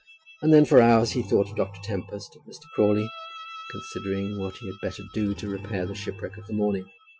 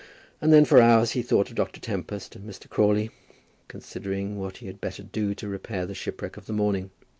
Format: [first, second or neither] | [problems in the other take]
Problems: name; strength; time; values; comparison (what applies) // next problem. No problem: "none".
second | noise reduction (classical method Wiener filter)